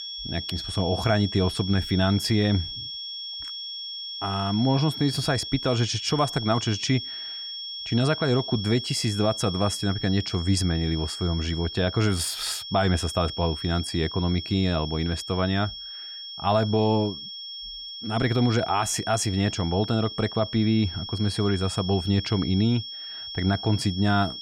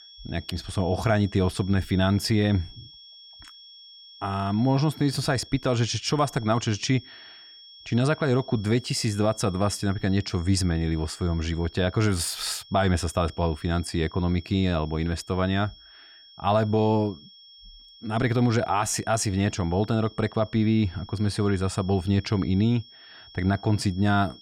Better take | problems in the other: second | high-pitched whine; loud; throughout; 3.5 kHz, 8 dB below the speech; faint in the second

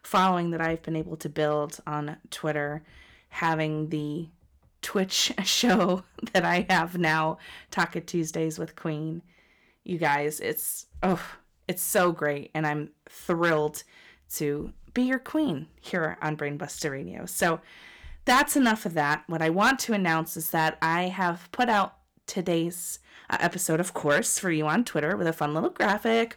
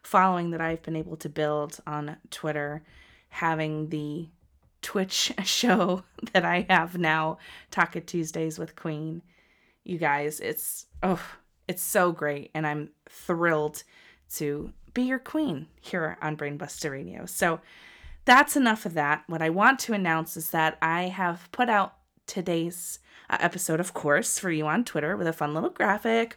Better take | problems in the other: second | distortion; slight; 2% of the sound clipped

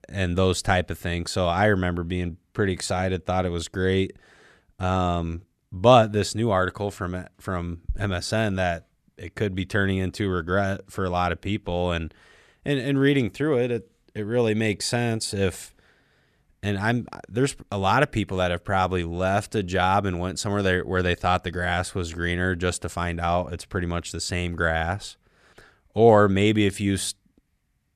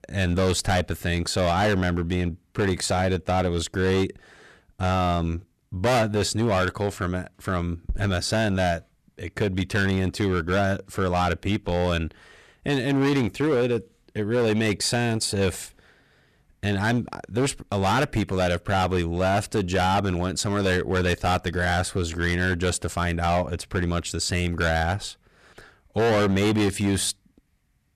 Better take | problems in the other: first | distortion; heavy; 12% of the sound clipped

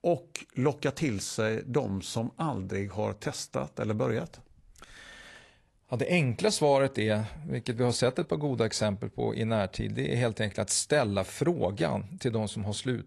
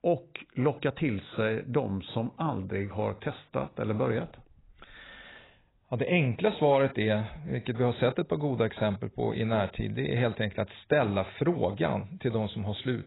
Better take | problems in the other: first | garbled, watery; badly; nothing above 4 kHz; slightly in the first

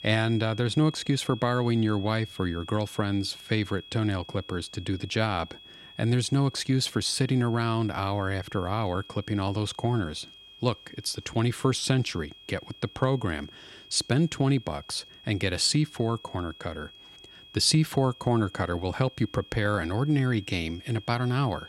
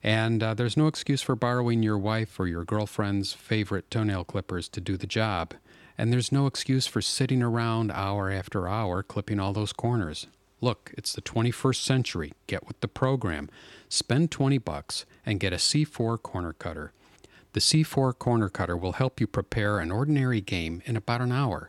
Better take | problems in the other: second | high-pitched whine; noticeable; throughout; 3.5 kHz, 20 dB below the speech

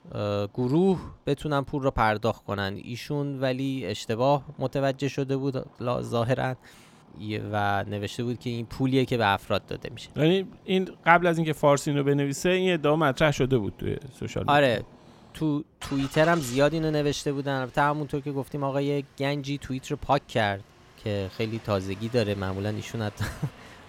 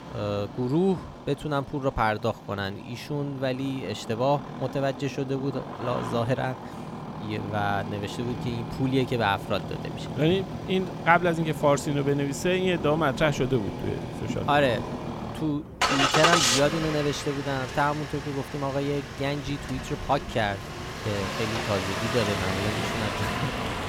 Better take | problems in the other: first | traffic noise; loud; throughout; 4 dB below the speech; faint in the first

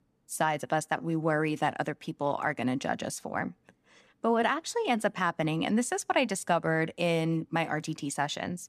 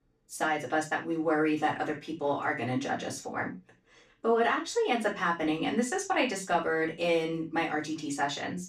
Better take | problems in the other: first | room echo; slight; dies away in 0.2 s // off-mic speech; far

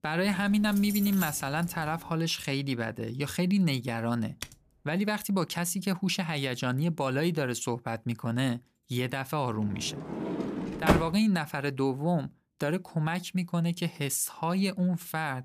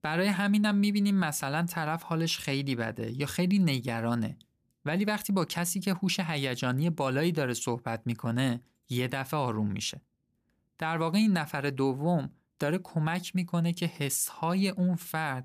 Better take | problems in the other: second | jangling keys; noticeable; until 2 s; peak 5 dB below the speech // keyboard typing; faint; at 4.5 s; peak 15 dB below the speech // door banging; loud; at 10 s; peak 3 dB above the speech

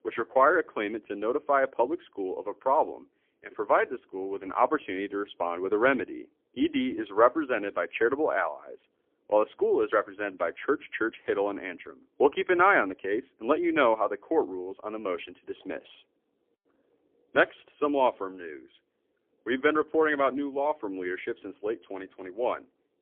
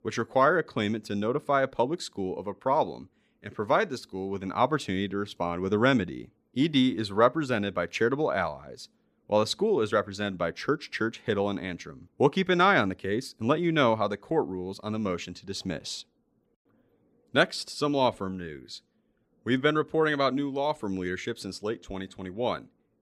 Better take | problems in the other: second | phone-call audio; poor line; nothing above 3.5 kHz

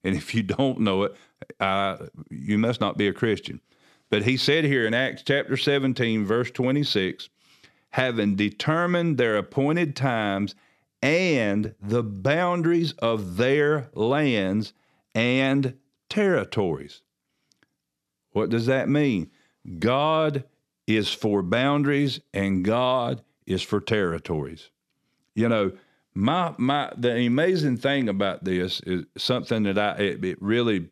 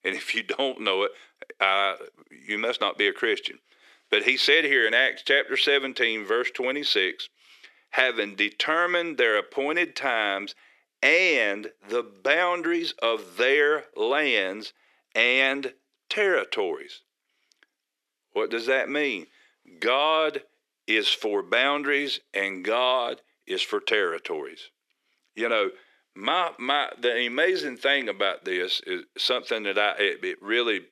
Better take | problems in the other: first | thin; very; fading below 350 Hz

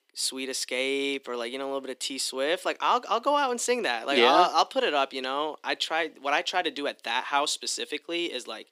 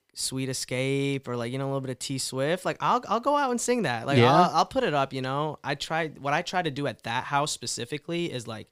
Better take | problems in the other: second | thin; somewhat; fading below 300 Hz

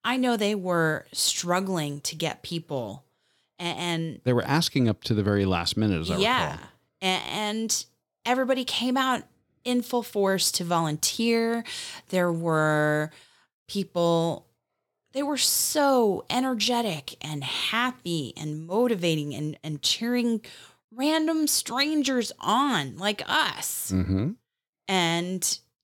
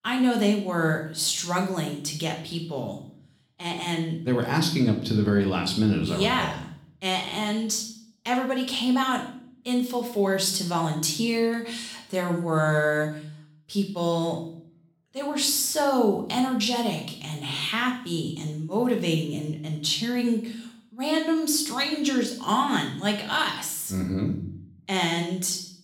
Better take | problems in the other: first | room echo; slight; dies away in 0.5 s // off-mic speech; somewhat distant

